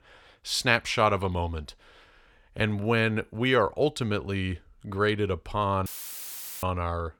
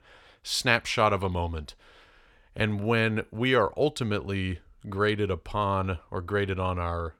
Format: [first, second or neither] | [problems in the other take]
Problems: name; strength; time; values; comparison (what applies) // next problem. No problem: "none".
second | audio cutting out; filled with static; at 6 s for 1 s